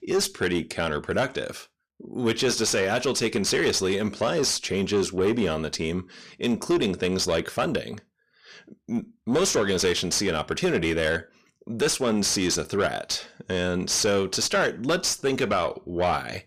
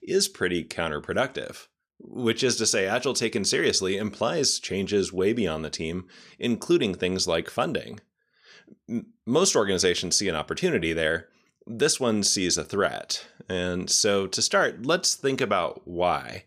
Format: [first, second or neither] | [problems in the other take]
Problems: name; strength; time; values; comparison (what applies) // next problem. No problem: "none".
second | distortion; slight; 10 dB below the speech